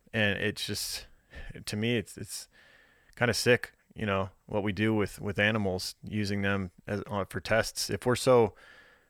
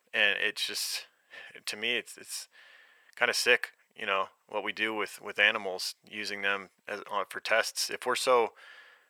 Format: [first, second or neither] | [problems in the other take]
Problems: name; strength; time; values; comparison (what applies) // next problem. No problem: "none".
first | thin; very; fading below 550 Hz